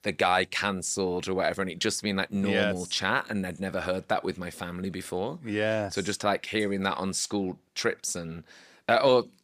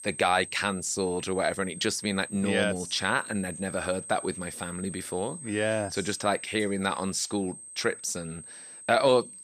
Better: first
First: none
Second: high-pitched whine; noticeable; throughout; 8.5 kHz, 10 dB below the speech

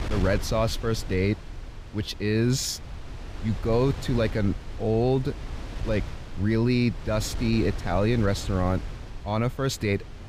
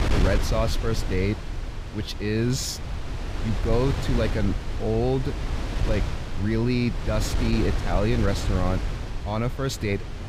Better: first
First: wind noise on the microphone; occasional gusts; 15 dB below the speech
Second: wind noise on the microphone; heavy; 7 dB below the speech

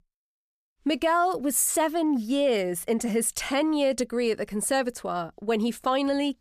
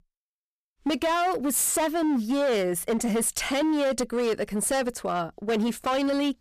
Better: first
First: none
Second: distortion; slight; 20% of the sound clipped

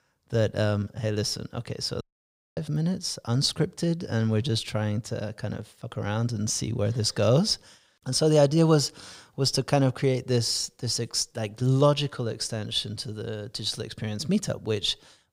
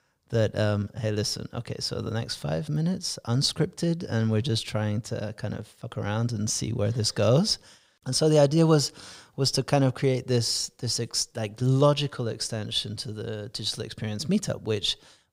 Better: second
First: audio cutting out; at 2 s for 0.5 s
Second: none

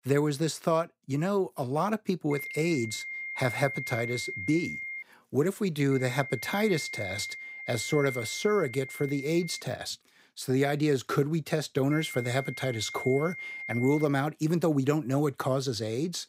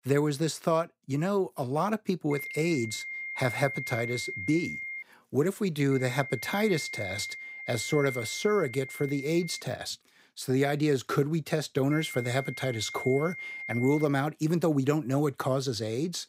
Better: neither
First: high-pitched whine; loud; from 2.5 to 5 s, from 6 to 9.5 s and from 12 to 14 s; 2 kHz, 8 dB below the speech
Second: high-pitched whine; loud; from 2.5 to 5 s, from 6 to 9.5 s and from 12 to 14 s; 2 kHz, 8 dB below the speech

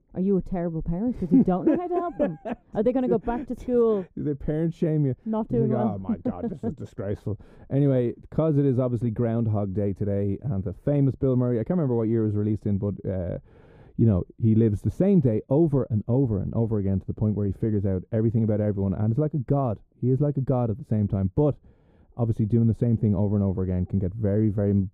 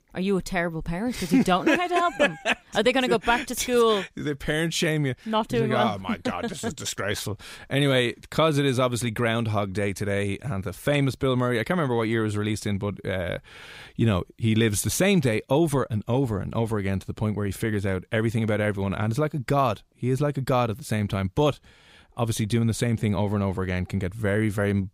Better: second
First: muffled; very; fading above 1 kHz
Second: none

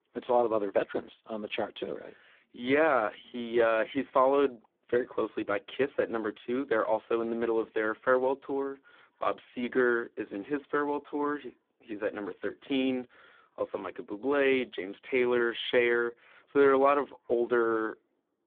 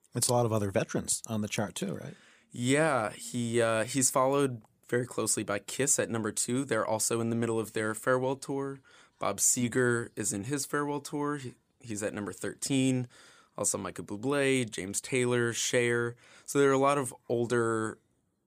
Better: second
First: phone-call audio; poor line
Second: none

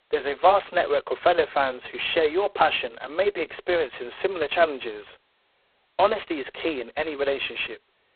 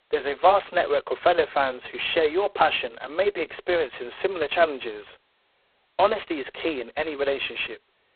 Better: neither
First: phone-call audio; poor line; nothing above 4 kHz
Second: phone-call audio; poor line; nothing above 4 kHz

